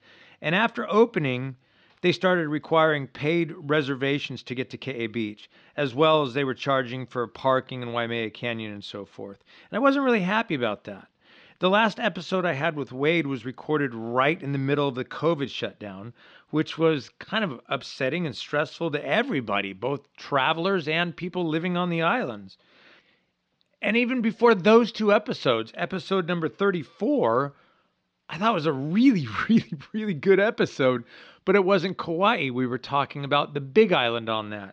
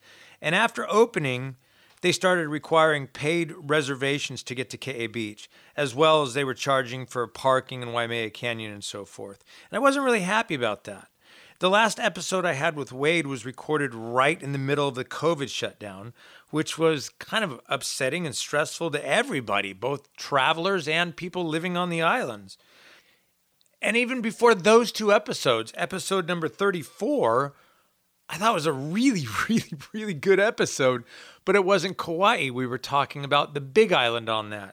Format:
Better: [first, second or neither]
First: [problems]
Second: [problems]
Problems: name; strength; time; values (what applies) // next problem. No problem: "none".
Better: second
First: muffled; very slightly; fading above 4.5 kHz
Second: none